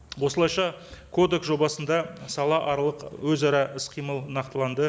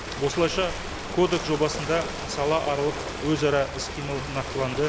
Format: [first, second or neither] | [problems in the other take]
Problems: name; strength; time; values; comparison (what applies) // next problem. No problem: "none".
first | background sound (Ocean); 7 dB below the speech